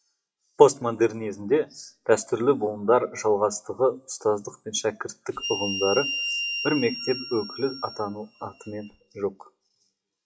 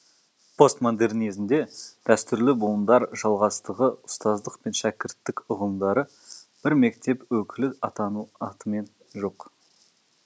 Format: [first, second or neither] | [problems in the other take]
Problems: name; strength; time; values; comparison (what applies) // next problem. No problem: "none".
second | noise reduction (classical method WPE with log-MMSE)